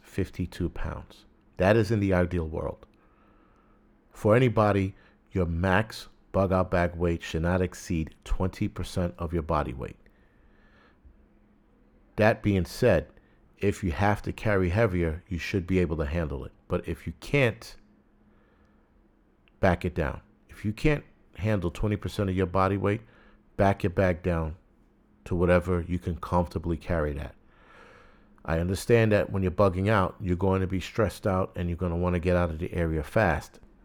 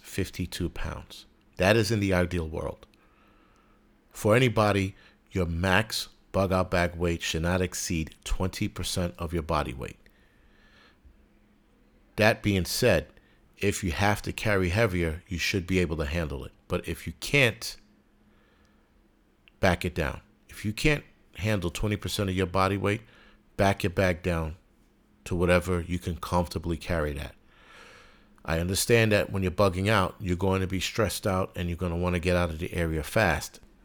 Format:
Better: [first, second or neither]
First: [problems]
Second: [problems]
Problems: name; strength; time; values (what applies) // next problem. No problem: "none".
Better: second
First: muffled; slightly; fading above 2 kHz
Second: none